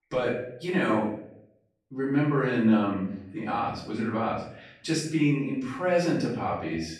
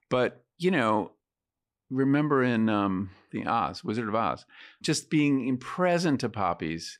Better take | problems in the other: second | room echo; noticeable; dies away in 0.6 s // off-mic speech; far

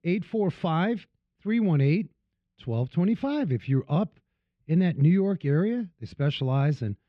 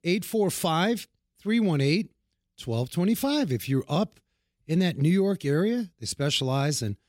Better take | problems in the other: second | muffled; very; fading above 2.5 kHz

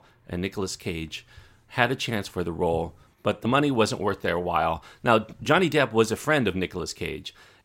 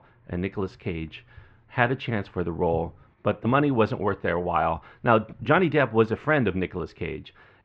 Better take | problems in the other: first | muffled; very; fading above 2.5 kHz

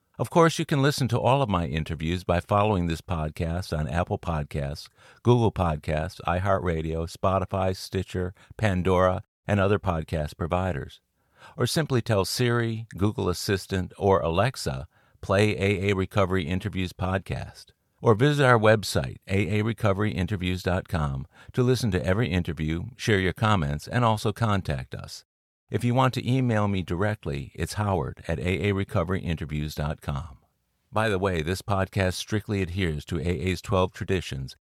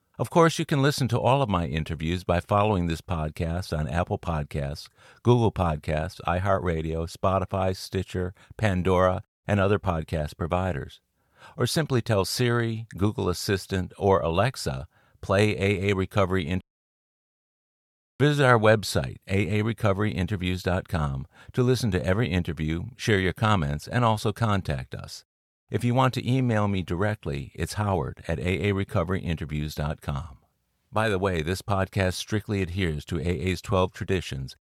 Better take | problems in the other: first | audio cutting out; at 17 s for 1.5 s

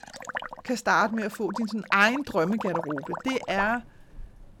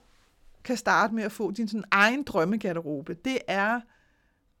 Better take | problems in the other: second | rain or running water; noticeable; throughout; 10 dB below the speech

